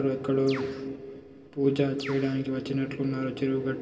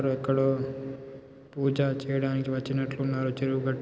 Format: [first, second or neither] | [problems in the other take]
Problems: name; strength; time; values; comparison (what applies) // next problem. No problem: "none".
second | background sound (Bird); 13 dB below the speech // room echo; dies away in 0.2 s